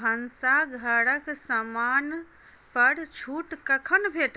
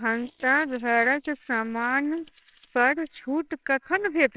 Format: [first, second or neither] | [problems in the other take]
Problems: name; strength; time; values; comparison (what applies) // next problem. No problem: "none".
first | noise reduction (neural separator model SepFormer WHAMR!)